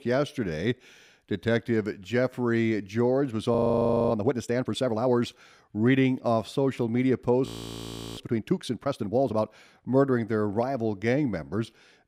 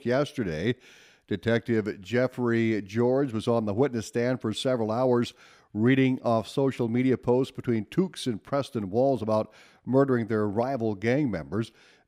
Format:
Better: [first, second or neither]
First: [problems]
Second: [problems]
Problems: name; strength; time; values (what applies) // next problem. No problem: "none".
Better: second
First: audio freezing; at 3.5 s for 0.5 s and at 7.5 s for 0.5 s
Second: none